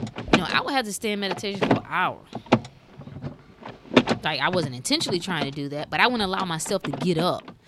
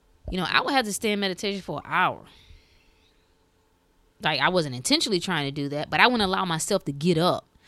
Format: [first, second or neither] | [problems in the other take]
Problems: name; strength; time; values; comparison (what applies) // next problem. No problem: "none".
second | machinery noise; loud; throughout; 2 dB below the speech